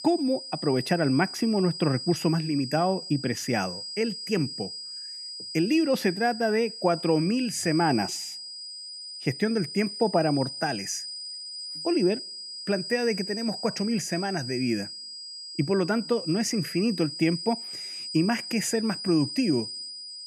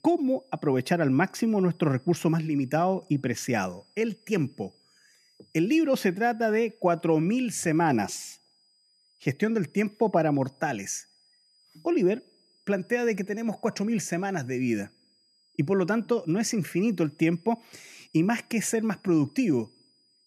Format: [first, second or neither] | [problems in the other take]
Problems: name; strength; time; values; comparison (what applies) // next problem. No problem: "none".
second | high-pitched whine; loud; throughout; 5 kHz, 8 dB below the speech; faint in the second